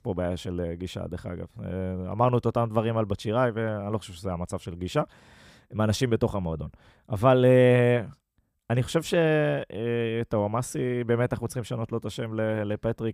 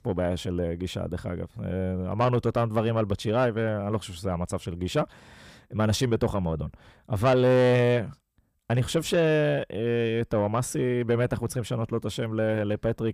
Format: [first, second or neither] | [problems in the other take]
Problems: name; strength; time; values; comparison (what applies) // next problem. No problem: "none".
first | distortion; slight; 10 dB below the speech